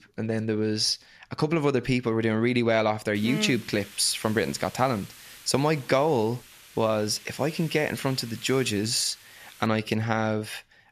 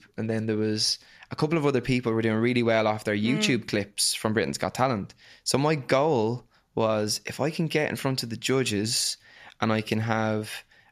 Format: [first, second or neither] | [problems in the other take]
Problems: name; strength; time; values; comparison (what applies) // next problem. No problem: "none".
second | hiss; noticeable; from 3 to 9.5 s; 20 dB below the speech